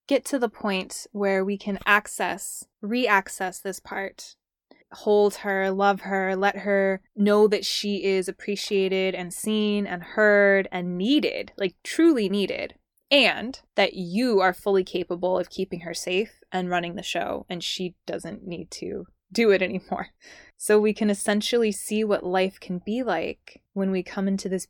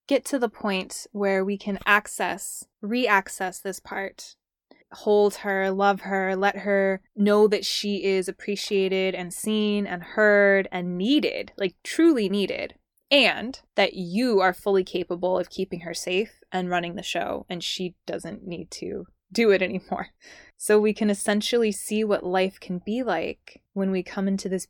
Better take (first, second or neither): neither